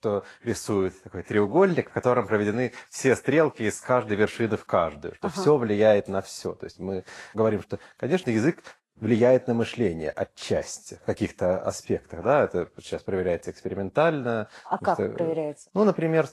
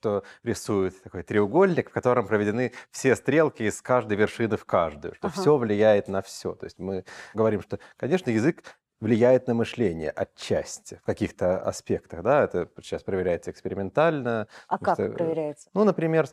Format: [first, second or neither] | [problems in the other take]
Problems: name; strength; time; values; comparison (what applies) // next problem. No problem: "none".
second | garbled, watery; slightly; nothing above 11 kHz